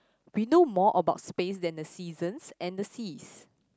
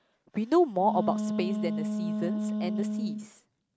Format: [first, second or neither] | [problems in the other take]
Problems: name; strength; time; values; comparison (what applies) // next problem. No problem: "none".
first | noise reduction (neural mask model RNNoise)